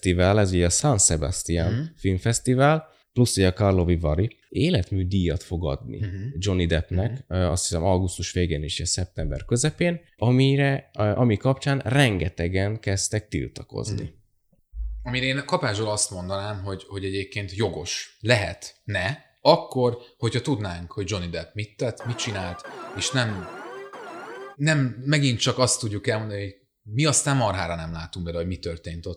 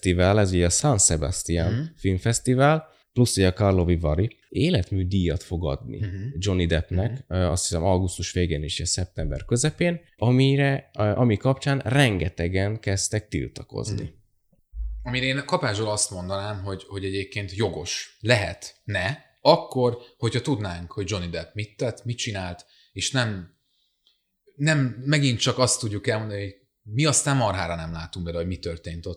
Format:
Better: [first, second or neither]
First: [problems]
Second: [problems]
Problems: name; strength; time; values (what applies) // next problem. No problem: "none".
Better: second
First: alarm; faint; from 22 to 25 s; peak 15 dB below the speech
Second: none